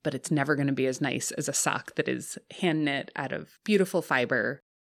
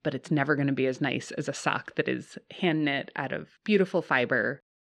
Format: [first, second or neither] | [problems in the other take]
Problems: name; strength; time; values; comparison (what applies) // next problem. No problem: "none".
first | muffled; slightly; fading above 3 kHz